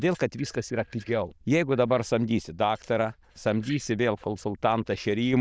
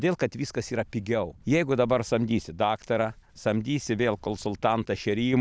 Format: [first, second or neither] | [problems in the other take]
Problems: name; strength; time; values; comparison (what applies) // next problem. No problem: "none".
second | noise reduction (neural diffusion model UNIVERSE++)